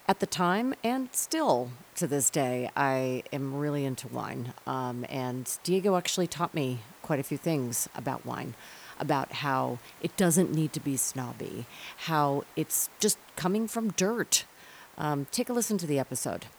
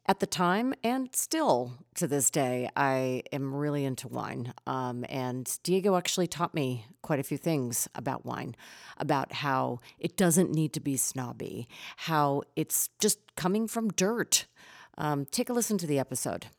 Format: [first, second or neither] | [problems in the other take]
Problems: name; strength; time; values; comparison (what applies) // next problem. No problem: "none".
second | hiss; faint; throughout; 20 dB below the speech